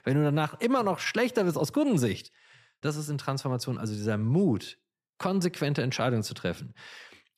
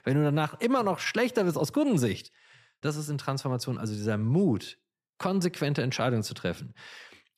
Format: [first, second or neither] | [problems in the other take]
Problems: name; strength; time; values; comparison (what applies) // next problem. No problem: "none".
neither | none